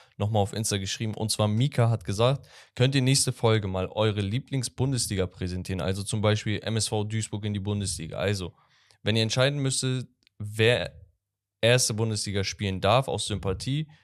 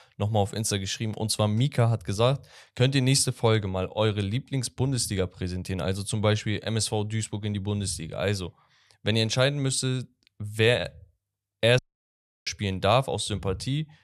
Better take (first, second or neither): first